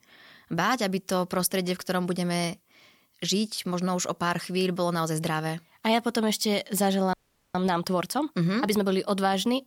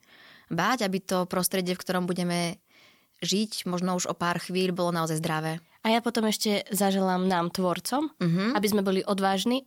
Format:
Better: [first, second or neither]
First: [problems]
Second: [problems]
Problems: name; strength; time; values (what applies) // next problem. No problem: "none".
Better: second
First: audio freezing; at 7 s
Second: none